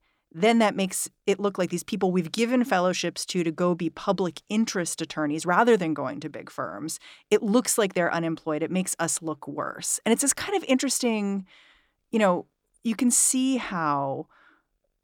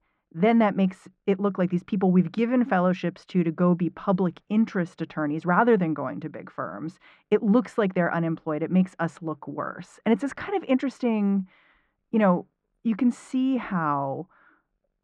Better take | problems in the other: first | muffled; very; fading above 1.5 kHz

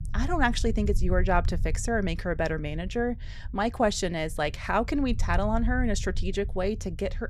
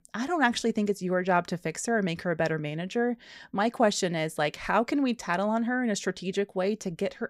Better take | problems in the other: second | low rumble; faint; throughout; 25 dB below the speech

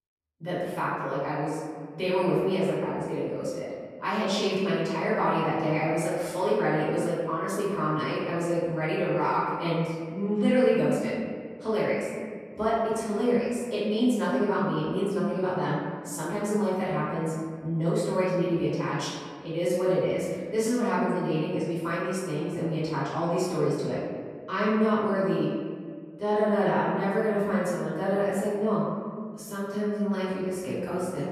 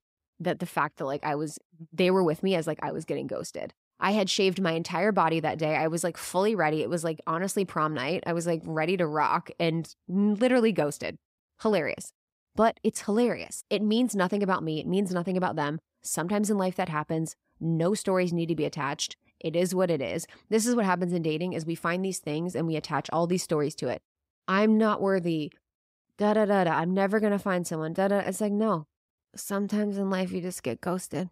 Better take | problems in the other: second | off-mic speech; far // room echo; strong; dies away in 1.8 s

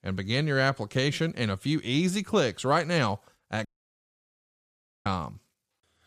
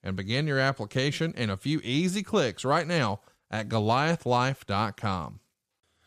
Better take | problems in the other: second | audio cutting out; at 3.5 s for 1.5 s

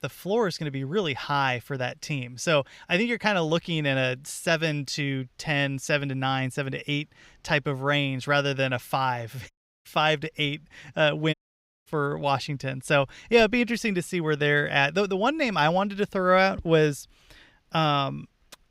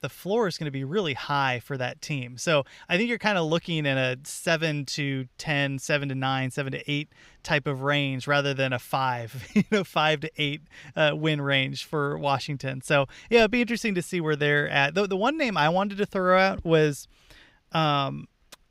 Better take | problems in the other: second | audio cutting out; at 9.5 s and at 11 s for 0.5 s

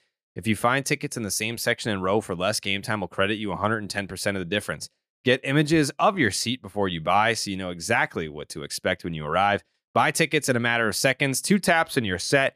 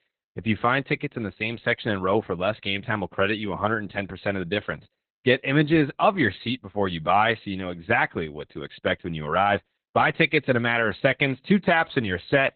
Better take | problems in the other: first | garbled, watery; badly; nothing above 4 kHz

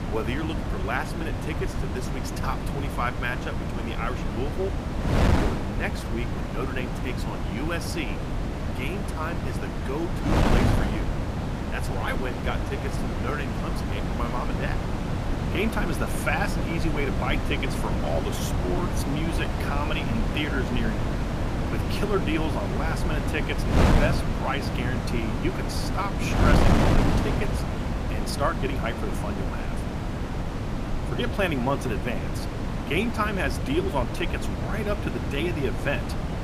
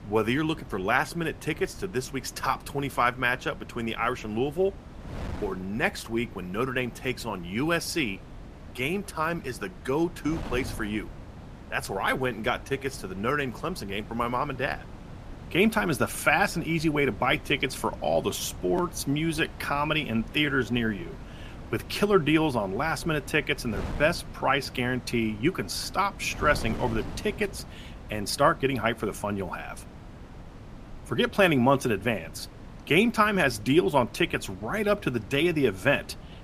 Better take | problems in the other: second | wind noise on the microphone; heavy; 1 dB below the speech; occasional gusts in the second

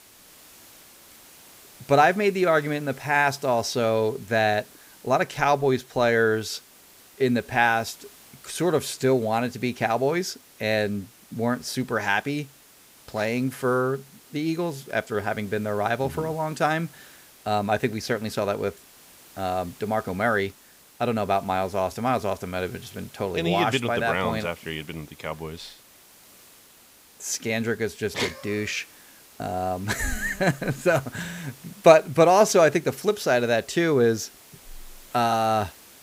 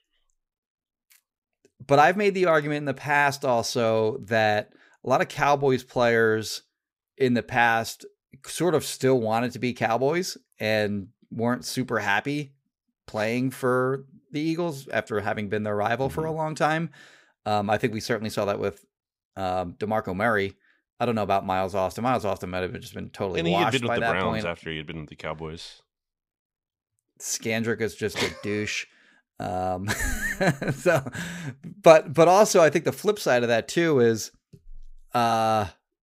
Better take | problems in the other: second | hiss; faint; throughout; 25 dB below the speech

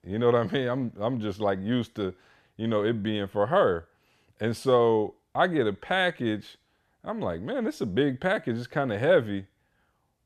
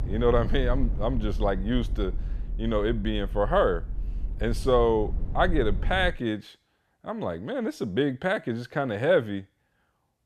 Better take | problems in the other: first | low rumble; faint; until 6 s; 20 dB below the speech

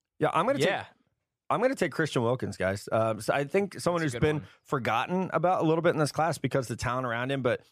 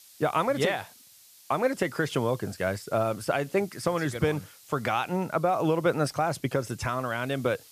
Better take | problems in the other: first | hiss; faint; throughout; 25 dB below the speech

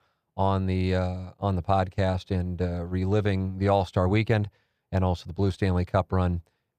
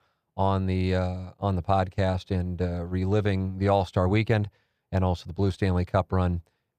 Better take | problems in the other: neither | muffled; slightly; fading above 3.5 kHz; the same in both

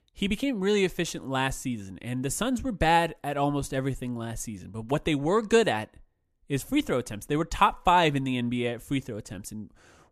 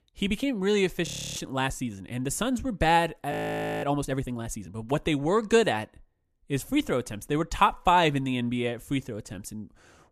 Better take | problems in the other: first | audio freezing; at 1 s and at 3.5 s for 0.5 s

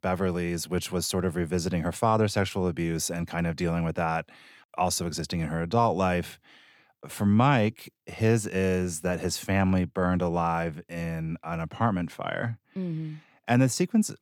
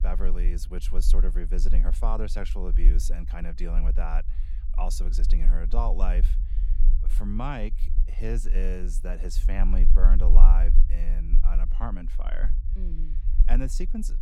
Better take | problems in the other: first | low rumble; noticeable; throughout; 15 dB below the speech

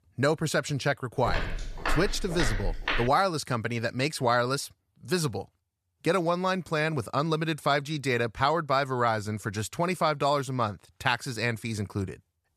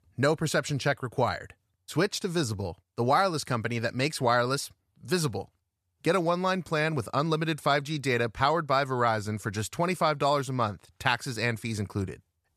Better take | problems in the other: second | footsteps; noticeable; from 1.5 to 3 s; peak 2 dB below the speech

